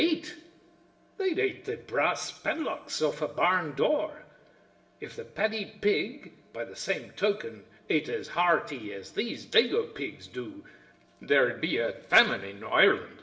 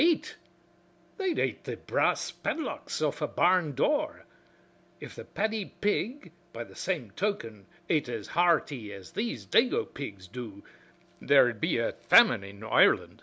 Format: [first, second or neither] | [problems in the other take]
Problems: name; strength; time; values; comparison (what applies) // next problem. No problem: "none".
second | room echo; dies away in 0.8 s